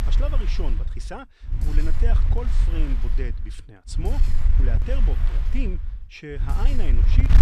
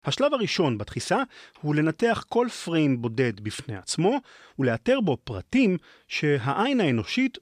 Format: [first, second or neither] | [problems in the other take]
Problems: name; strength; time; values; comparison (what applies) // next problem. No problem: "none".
second | wind noise on the microphone; heavy; 4 dB below the speech